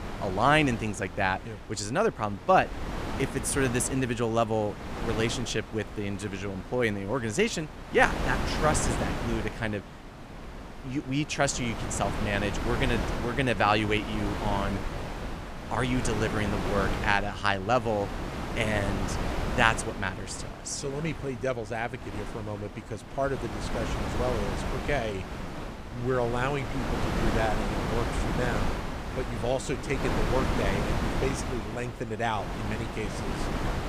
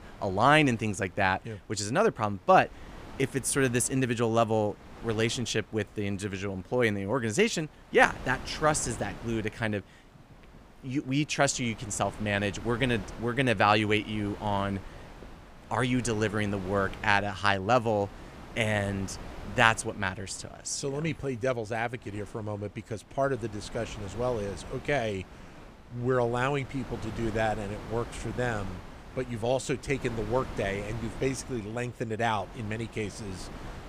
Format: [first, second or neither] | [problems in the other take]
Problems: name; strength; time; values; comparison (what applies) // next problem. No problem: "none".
second | wind noise on the microphone; heavy; 6 dB below the speech; occasional gusts in the second